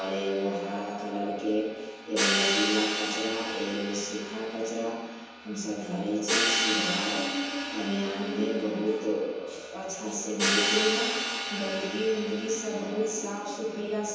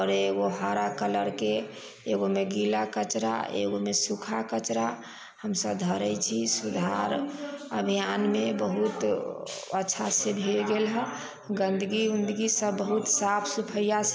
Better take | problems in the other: second | background sound (Hi-hat); 2 dB below the speech // room echo; dies away in 1.1 s

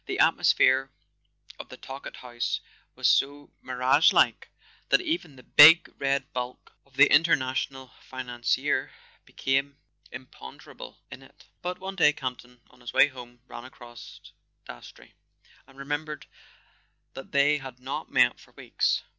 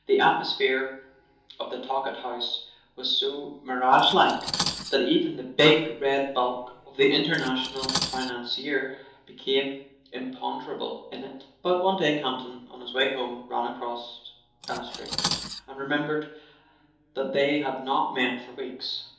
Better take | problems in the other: first | background sound (Cutlery, silverware); 10 dB below the speech // room echo; dies away in 2.8 s

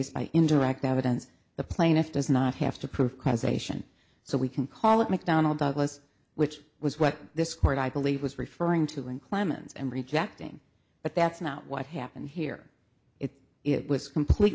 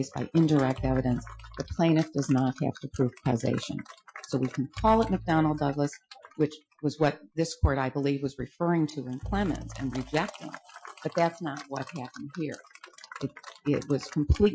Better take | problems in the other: first | noise reduction (classical method Wiener filter)

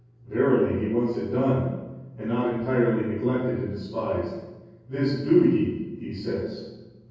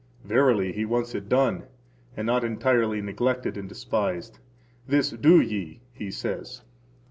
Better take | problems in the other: second | room echo; dies away in 1.3 s

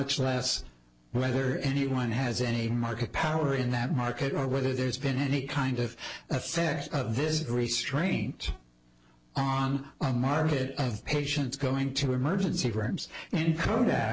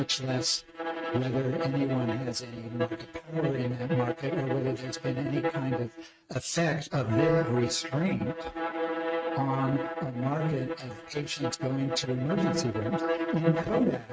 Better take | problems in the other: first | noise reduction (neural mask model RNNoise)

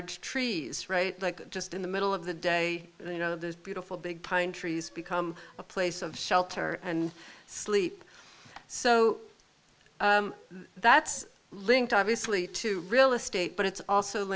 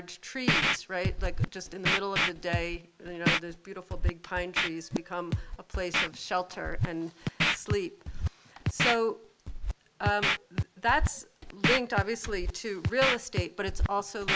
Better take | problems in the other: first | background sound (Scratching (performance technique)); 2 dB above the speech

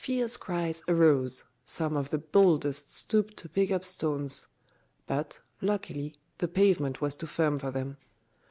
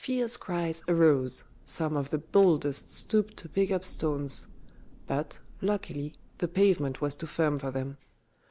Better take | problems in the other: first | background sound (Thunder / Rain); 19 dB below the speech

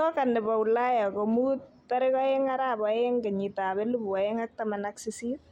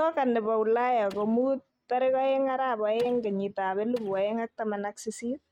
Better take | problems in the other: first | noise reduction (neural mask model RNNoise)

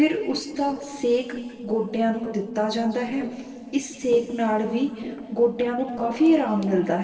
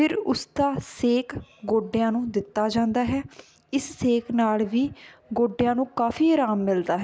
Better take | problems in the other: second | noise reduction (neural separator model SepFormer DNS4)

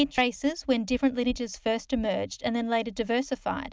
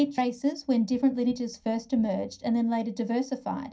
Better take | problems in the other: first | room echo; dies away in 0.3 s

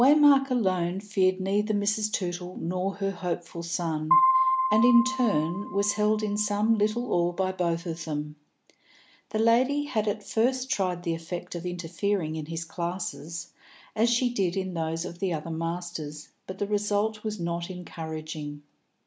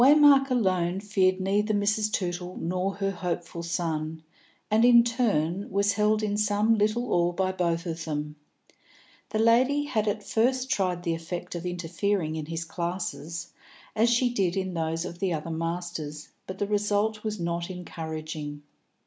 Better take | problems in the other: second | background sound (Piano); 1 dB below the speech

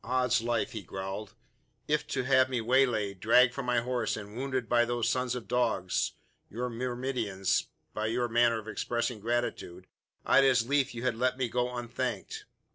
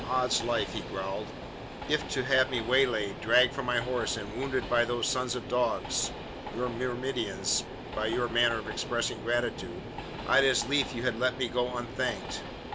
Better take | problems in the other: first | background sound (Train); 9 dB below the speech

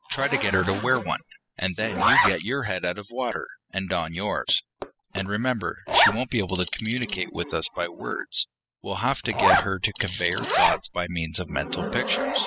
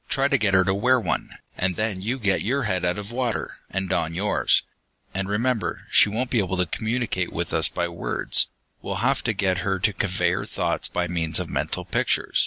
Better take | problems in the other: second | noise reduction (classical method spectral subtraction)

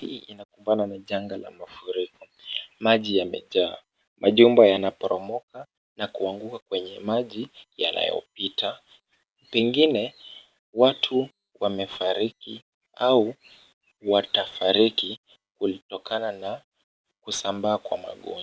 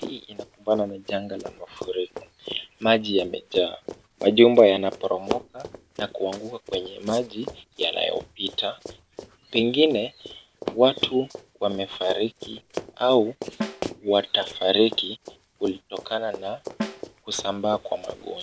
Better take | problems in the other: first | background sound (Snare drum + Run); 13 dB below the speech

